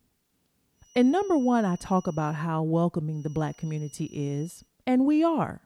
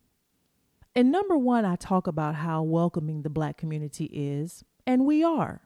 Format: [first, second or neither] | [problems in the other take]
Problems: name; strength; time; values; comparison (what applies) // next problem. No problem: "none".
second | high-pitched whine; faint; from 1 to 2.5 s and from 3 to 4.5 s; 6 kHz, 25 dB below the speech